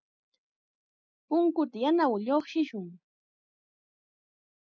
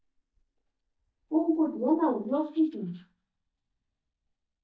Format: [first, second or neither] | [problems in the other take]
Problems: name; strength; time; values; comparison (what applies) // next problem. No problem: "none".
first | noise reduction (neural mask model DeepFilterNet 3)